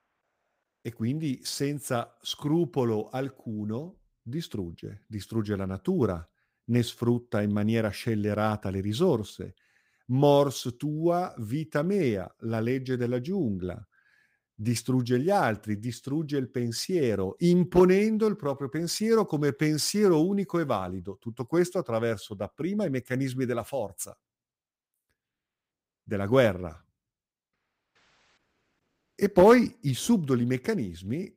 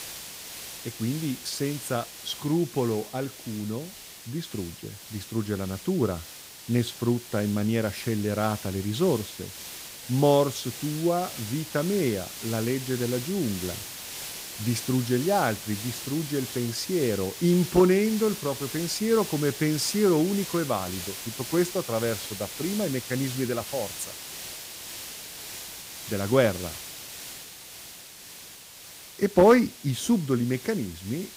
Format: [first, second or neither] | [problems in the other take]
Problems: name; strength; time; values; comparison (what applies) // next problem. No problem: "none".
first | hiss; noticeable; throughout; 10 dB below the speech